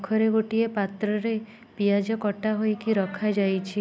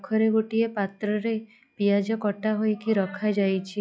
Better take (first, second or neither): first